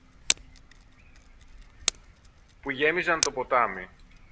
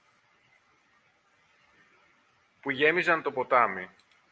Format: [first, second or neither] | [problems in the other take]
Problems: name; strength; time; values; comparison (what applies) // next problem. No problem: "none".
second | background sound (Tick); 4 dB below the speech